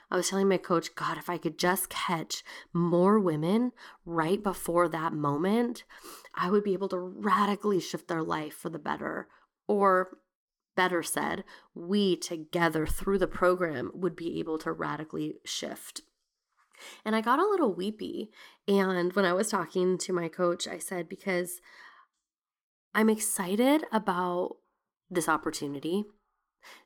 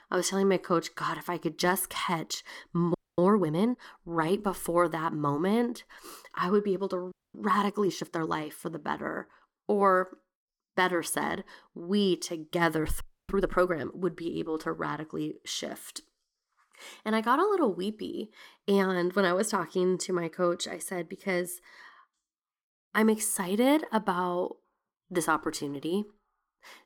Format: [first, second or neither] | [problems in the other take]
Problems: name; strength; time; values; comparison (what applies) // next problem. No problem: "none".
first | audio freezing; at 3 s, at 7 s and at 13 s